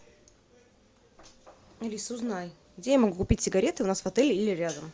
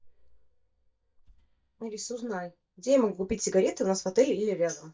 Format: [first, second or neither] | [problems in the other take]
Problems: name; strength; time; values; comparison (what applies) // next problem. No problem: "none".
first | noise reduction (neural mask model DeepFilterNet 3)